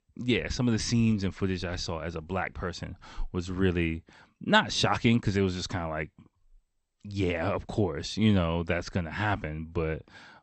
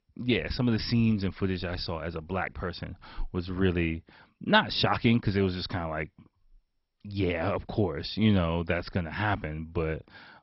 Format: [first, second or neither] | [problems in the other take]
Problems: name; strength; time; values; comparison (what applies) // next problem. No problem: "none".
first | garbled, watery; badly; nothing above 5.5 kHz; slightly in the first